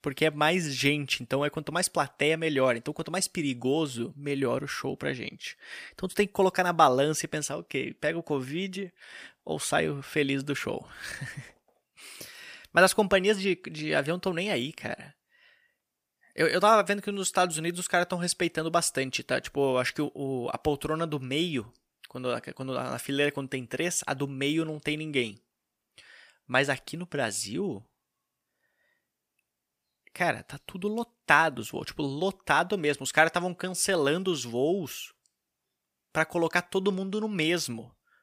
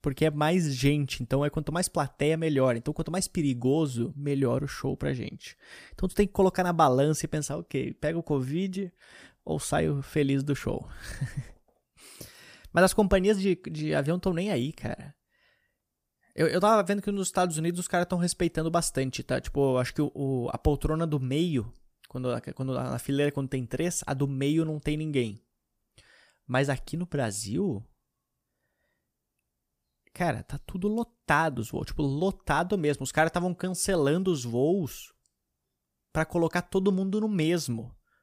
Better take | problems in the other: second | thin; very slightly; fading below 650 Hz

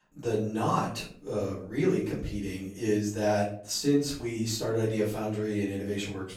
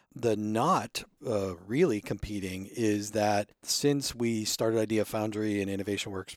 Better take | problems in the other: second | off-mic speech; far // room echo; slight; dies away in 0.5 s

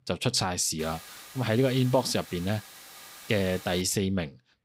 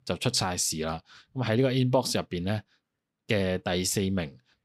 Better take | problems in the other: second | hiss; noticeable; from 1 to 4 s; 15 dB below the speech

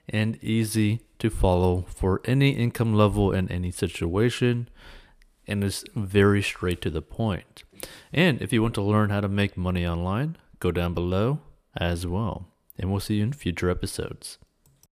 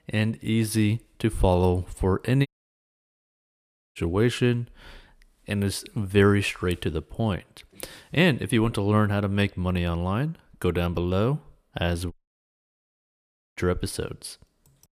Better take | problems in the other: first | audio cutting out; at 2.5 s for 1.5 s and at 12 s for 1.5 s

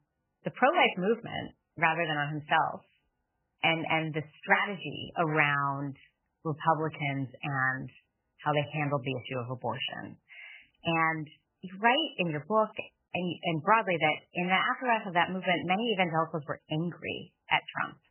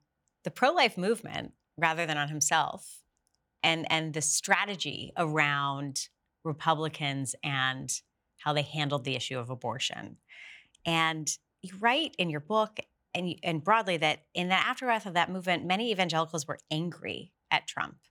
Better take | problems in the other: second | garbled, watery; badly; nothing above 3 kHz

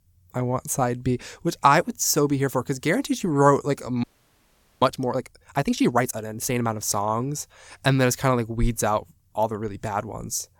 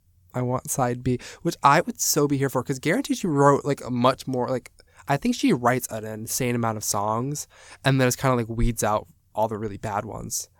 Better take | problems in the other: second | audio freezing; at 4 s for 1 s

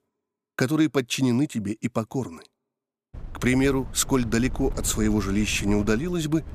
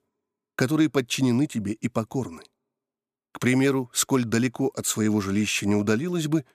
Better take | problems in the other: second | wind noise on the microphone; occasional gusts; from 3 s on; 20 dB below the speech

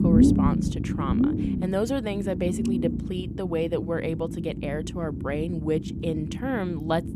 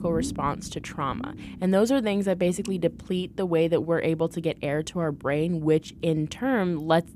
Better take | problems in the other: second | low rumble; loud; throughout; 3 dB below the speech; faint in the second

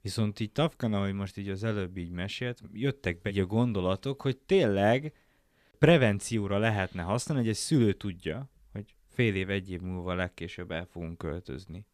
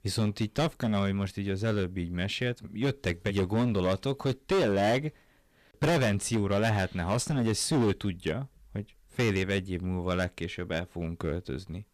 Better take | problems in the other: first | distortion; heavy; 11% of the sound clipped

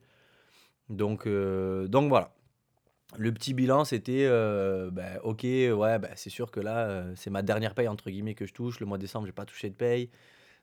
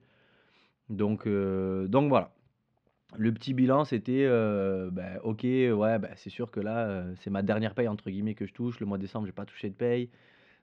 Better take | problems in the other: first | muffled; slightly; fading above 3.5 kHz

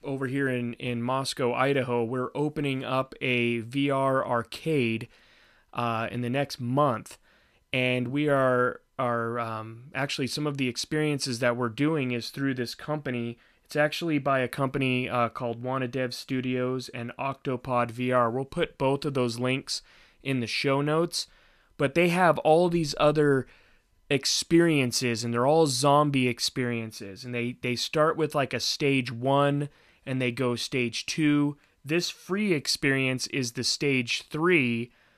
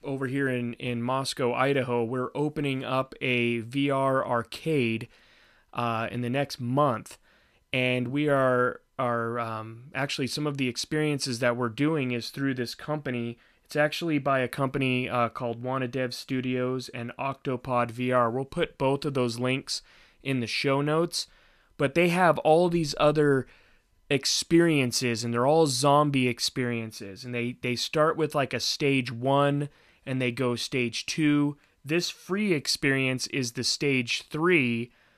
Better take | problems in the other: neither | none

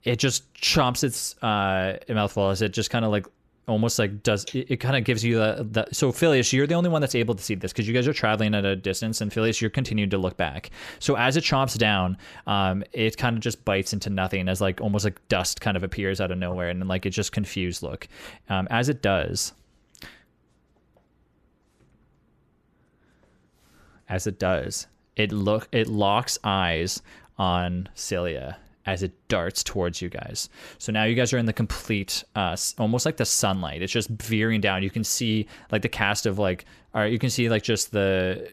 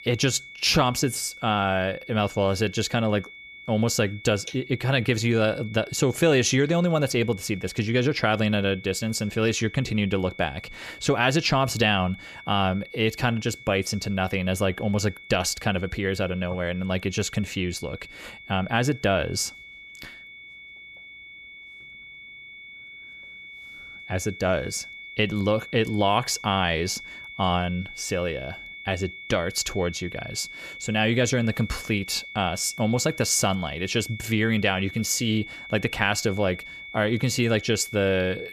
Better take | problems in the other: first | high-pitched whine; noticeable; throughout; 2 kHz, 15 dB below the speech

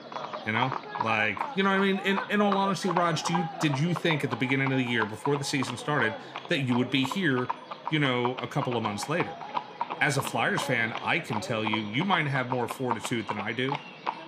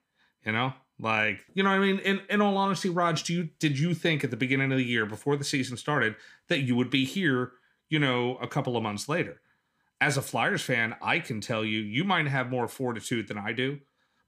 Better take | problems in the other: second | animal sounds; loud; throughout; 8 dB below the speech

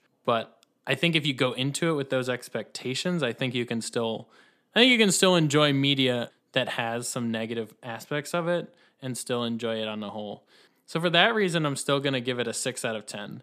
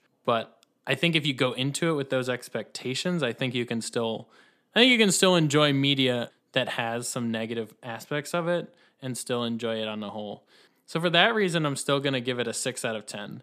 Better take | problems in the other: neither | none

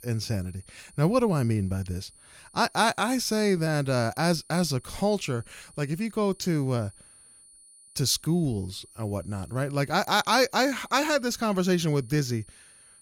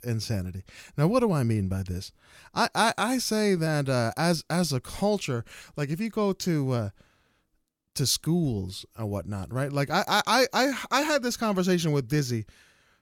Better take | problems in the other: second | high-pitched whine; faint; throughout; 9.5 kHz, 25 dB below the speech

